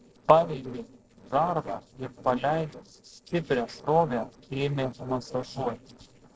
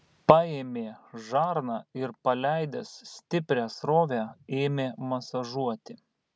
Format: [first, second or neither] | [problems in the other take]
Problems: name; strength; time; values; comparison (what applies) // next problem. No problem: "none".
second | noise reduction (neural separator model SepFormer DNS4)